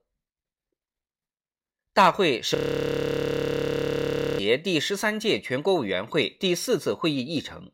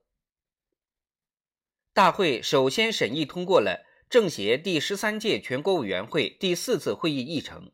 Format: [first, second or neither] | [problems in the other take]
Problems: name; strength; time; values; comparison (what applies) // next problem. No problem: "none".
second | audio freezing; at 2.5 s for 2 s